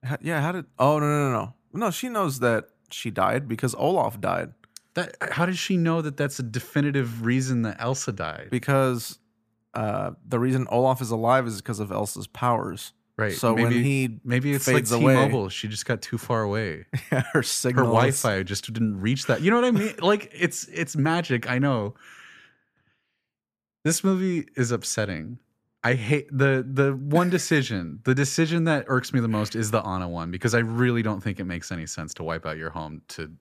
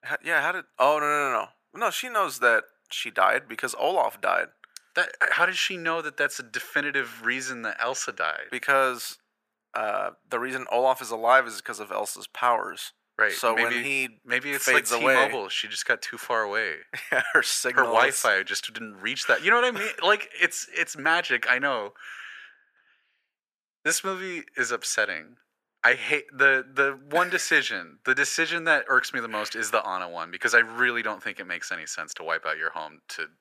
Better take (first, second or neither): first